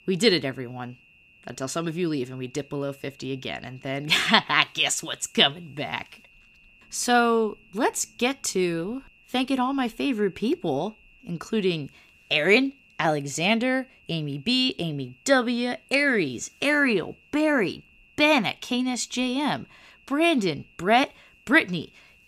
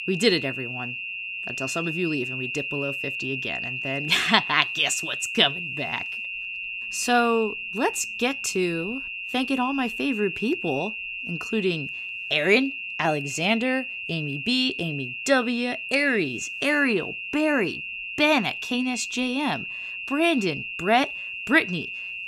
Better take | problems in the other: first | high-pitched whine; loud; throughout; 2.5 kHz, 5 dB below the speech; faint in the first

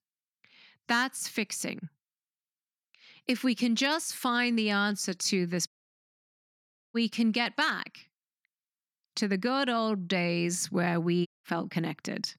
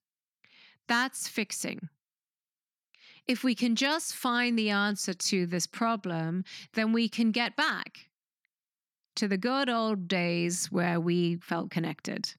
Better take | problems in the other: second | audio cutting out; at 5.5 s for 1.5 s and at 11 s

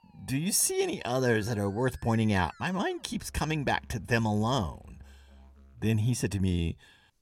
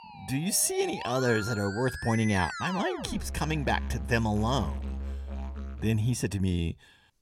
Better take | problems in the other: first | background music; loud; until 6 s; 9 dB below the speech; faint in the first

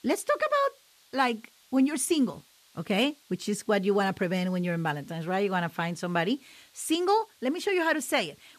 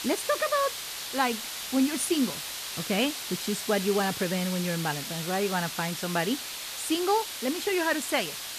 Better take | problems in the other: first | hiss; loud; throughout; 5 dB below the speech; faint in the first

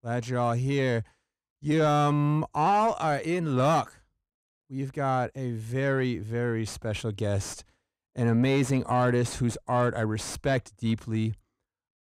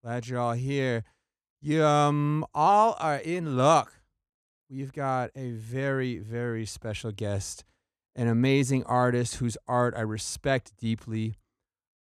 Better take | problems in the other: second | distortion; slight; 10 dB below the speech

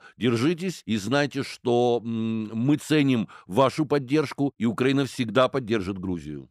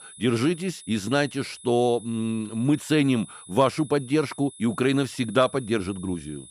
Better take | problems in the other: first | high-pitched whine; noticeable; throughout; 10 kHz, 20 dB below the speech

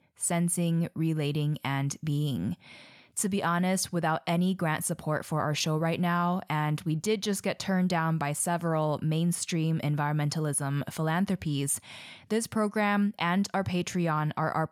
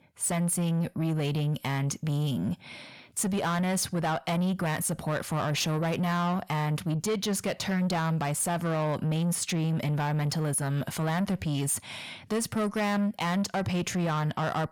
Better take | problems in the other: first | distortion; slight; 10 dB below the speech

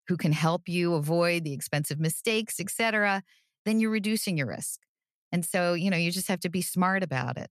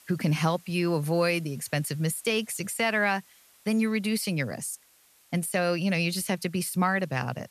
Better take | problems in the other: first | hiss; faint; throughout; 30 dB below the speech

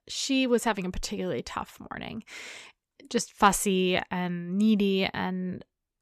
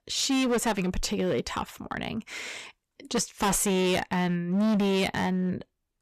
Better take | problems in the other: first | distortion; heavy; 15% of the sound clipped

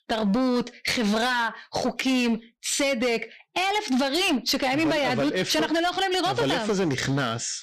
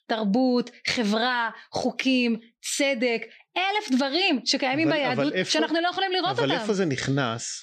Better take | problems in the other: second | distortion; slight; 17% of the sound clipped

